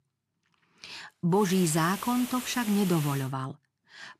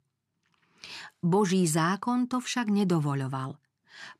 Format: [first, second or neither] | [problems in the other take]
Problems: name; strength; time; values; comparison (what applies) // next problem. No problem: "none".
second | hiss; very faint; from 1.5 to 3 s; 10 dB below the speech